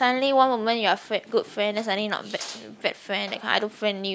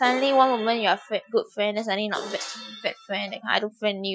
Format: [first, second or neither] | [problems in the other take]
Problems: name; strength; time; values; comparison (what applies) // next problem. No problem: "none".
first | noise reduction (classical method Wiener filter)